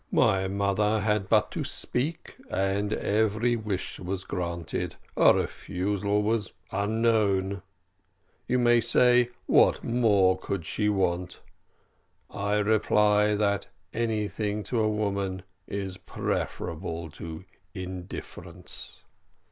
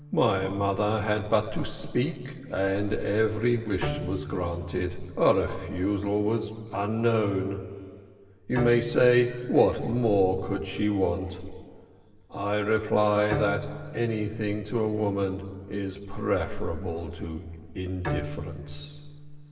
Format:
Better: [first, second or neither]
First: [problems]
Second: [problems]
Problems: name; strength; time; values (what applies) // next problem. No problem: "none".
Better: first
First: none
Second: background sound (Bowed string instrument); 14 dB below the speech // room echo; dies away in 2.6 s